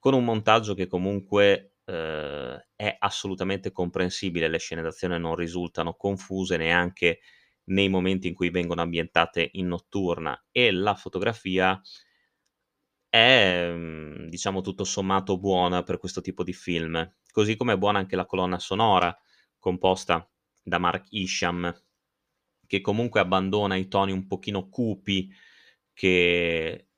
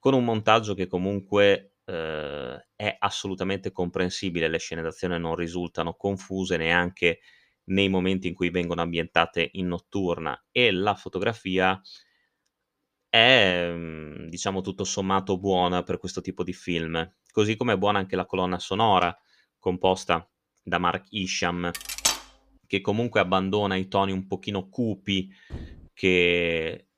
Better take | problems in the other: first | clattering dishes; loud; at 22 s; peak 1 dB above the speech // door banging; faint; at 26 s; peak 15 dB below the speech

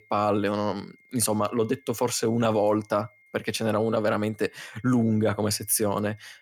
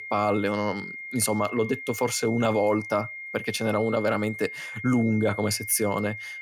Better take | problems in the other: first | high-pitched whine; loud; throughout; 2 kHz, 10 dB below the speech; faint in the first

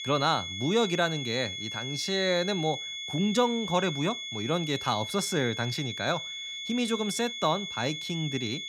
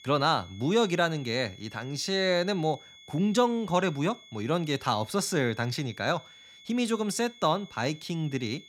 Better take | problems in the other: second | high-pitched whine; loud; throughout; 3.5 kHz, 5 dB below the speech; faint in the second

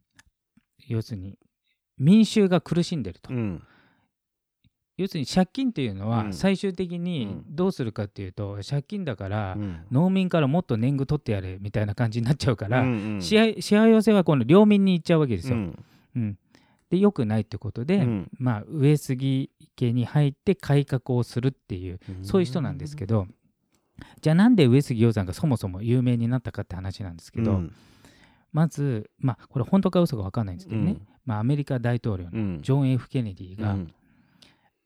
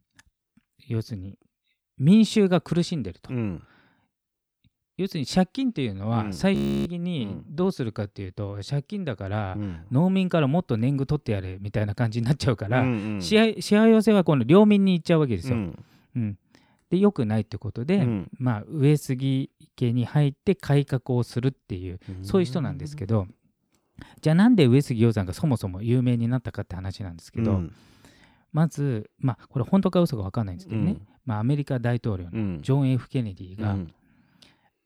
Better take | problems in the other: first | audio freezing; at 6.5 s

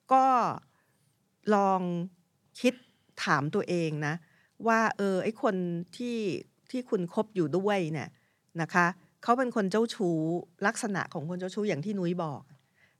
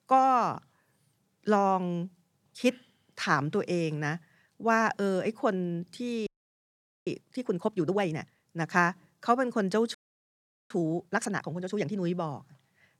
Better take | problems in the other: first | audio freezing; at 6.5 s for 1 s and at 10 s for 1 s

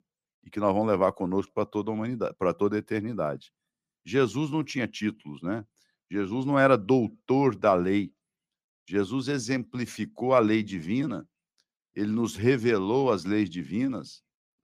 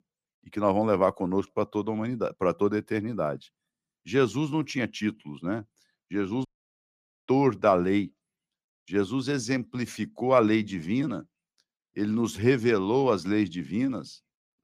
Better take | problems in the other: first | audio cutting out; at 6.5 s for 1 s

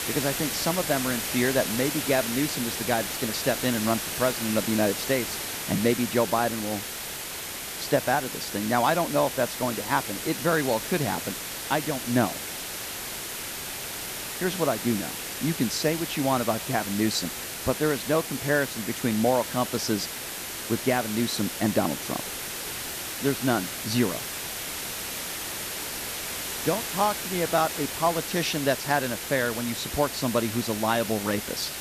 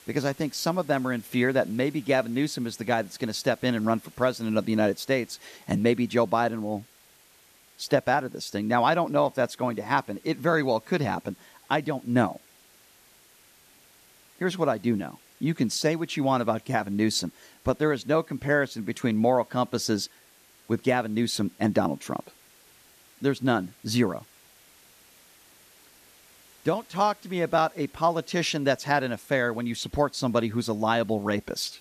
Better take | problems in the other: second | hiss; loud; throughout; 4 dB below the speech; faint in the second

